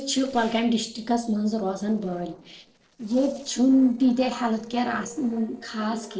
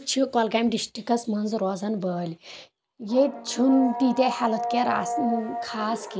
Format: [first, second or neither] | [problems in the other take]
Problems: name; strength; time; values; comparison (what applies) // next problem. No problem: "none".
second | noise reduction (neural separator model SepFormer DNS4)